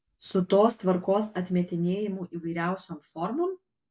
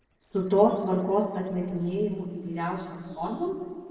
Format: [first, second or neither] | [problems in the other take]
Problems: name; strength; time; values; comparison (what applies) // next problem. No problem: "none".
first | noise reduction (neural separator model SepFormer DNS4)